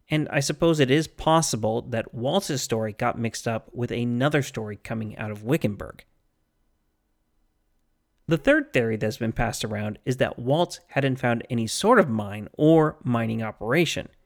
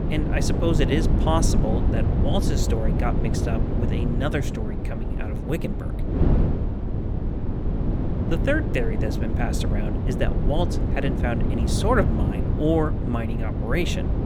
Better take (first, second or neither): first